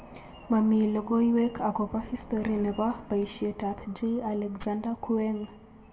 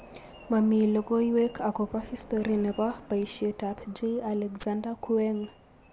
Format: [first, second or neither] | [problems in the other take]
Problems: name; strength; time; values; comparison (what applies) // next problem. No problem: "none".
second | room echo; dies away in 0.6 s